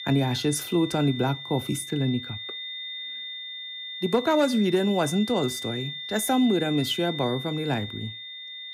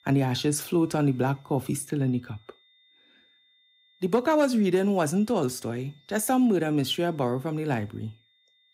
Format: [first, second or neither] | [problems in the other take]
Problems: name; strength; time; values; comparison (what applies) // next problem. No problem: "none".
second | high-pitched whine; loud; throughout; 3.5 kHz, 9 dB below the speech; faint in the second